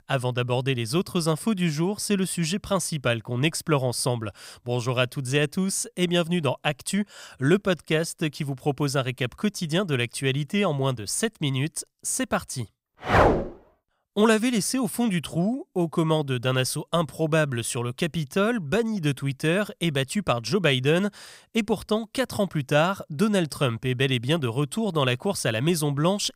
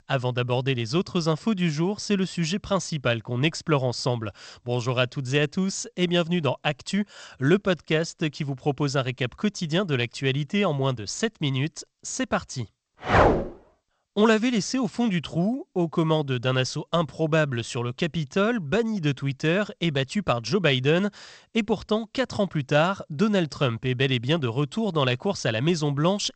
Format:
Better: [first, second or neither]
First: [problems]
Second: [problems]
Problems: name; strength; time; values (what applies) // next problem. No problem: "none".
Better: first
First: none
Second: garbled, watery; slightly; nothing above 8 kHz